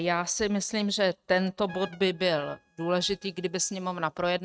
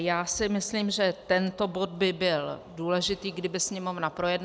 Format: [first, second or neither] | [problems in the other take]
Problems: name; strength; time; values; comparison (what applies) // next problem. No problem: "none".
second | noise reduction (neural mask model RNNoise)